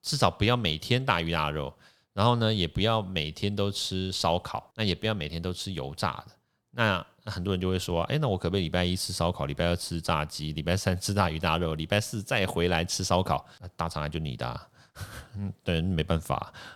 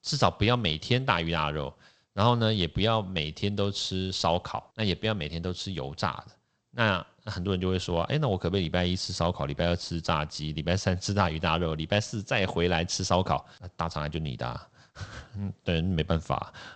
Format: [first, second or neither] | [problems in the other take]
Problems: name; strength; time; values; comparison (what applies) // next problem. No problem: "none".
first | garbled, watery; slightly; nothing above 8 kHz